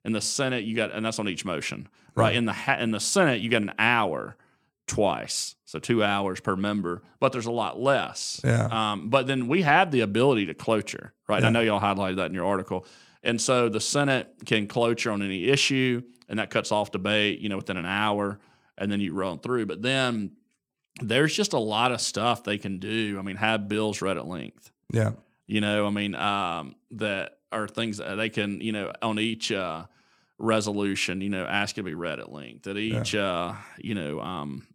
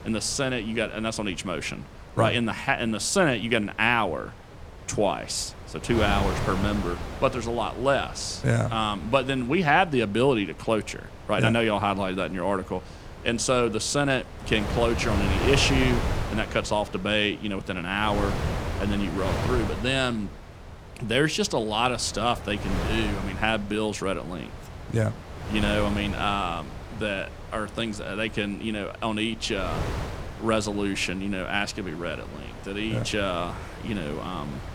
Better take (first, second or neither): first